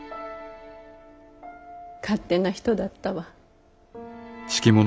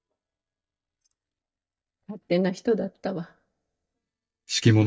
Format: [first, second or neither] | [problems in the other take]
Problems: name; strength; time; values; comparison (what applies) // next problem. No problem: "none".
first | noise reduction (neural mask model DeepFilterNet 3)